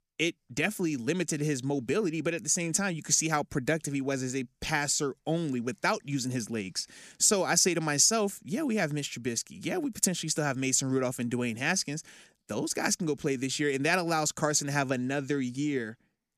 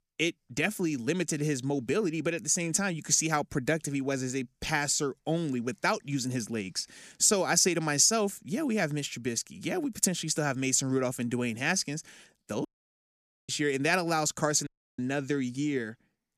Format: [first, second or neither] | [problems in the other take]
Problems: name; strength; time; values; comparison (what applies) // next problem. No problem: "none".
first | audio cutting out; at 13 s for 1 s and at 15 s